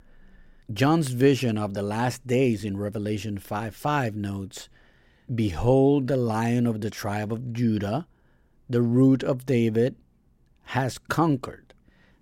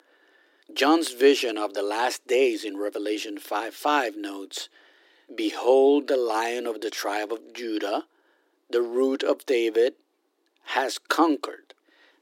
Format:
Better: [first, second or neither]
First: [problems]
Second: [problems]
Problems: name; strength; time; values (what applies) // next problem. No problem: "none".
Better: first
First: none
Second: thin; somewhat; fading below 300 Hz